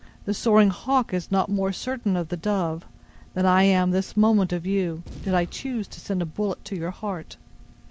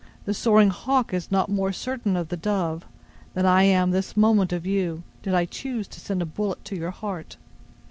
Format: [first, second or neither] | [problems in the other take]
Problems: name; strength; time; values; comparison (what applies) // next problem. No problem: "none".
second | background sound (Boom); 18 dB below the speech